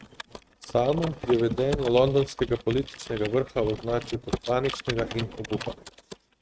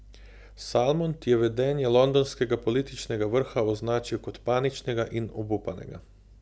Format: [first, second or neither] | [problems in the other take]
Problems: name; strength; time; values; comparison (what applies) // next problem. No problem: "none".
second | noise reduction (neural mask model RNNoise)